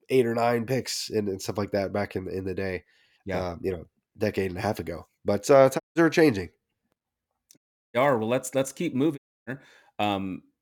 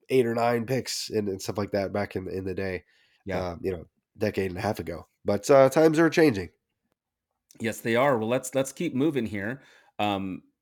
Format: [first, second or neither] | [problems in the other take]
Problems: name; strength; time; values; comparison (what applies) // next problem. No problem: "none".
second | audio cutting out; at 6 s, at 7.5 s and at 9 s